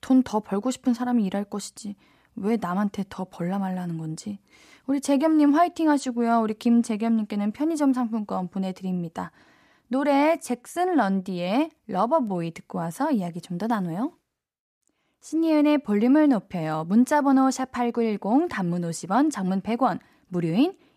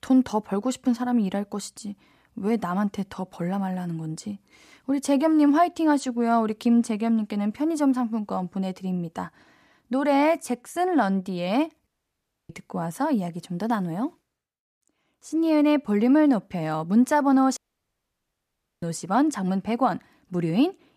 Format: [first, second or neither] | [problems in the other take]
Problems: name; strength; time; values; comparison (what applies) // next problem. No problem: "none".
first | audio cutting out; at 12 s for 0.5 s and at 18 s for 1.5 s